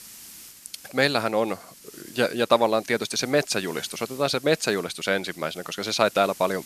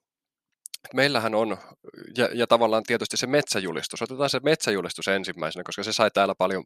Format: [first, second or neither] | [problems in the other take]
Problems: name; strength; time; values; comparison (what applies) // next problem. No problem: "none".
second | hiss; noticeable; throughout; 20 dB below the speech